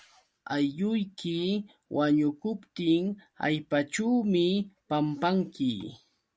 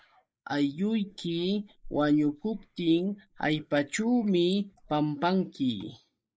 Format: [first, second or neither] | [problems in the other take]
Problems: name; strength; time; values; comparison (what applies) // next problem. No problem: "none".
first | noise reduction (neural mask model Resemble Enhance denoiser)